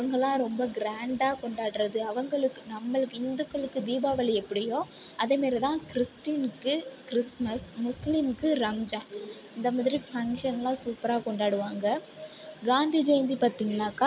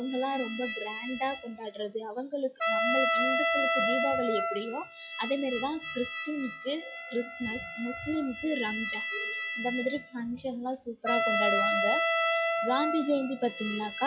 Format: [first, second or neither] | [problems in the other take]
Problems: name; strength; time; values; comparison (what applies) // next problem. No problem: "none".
first | noise reduction (classical method log-MMSE)